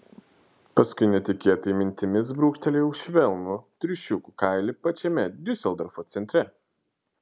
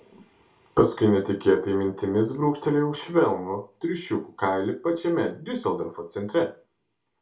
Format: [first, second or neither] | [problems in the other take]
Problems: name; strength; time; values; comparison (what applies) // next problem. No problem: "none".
first | room echo; dies away in 0.2 s